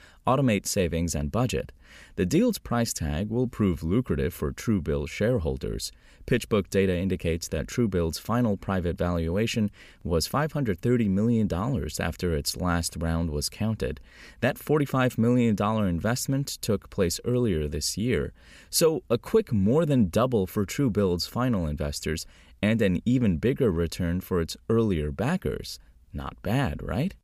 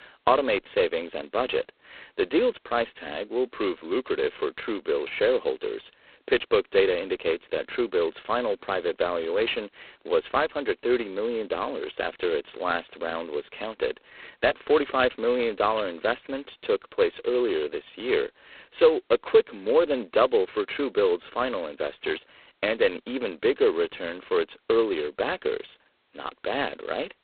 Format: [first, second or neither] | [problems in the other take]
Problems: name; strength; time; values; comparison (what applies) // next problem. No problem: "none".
first | phone-call audio; poor line; nothing above 4 kHz